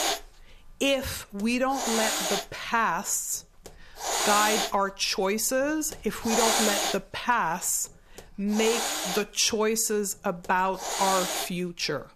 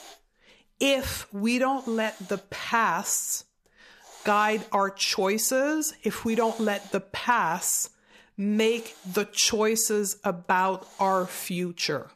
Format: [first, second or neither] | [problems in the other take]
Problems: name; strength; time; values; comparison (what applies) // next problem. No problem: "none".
second | hiss; loud; throughout; 1 dB below the speech; faint in the second